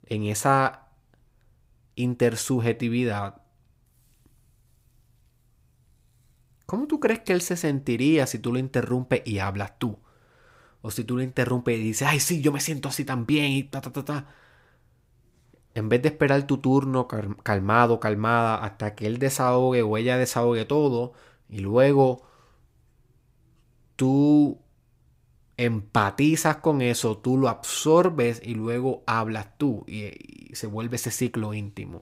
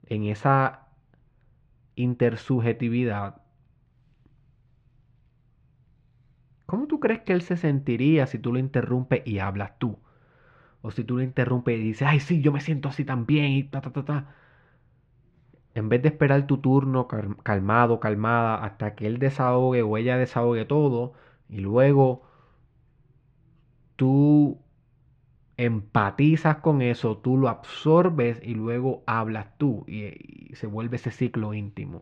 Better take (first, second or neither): first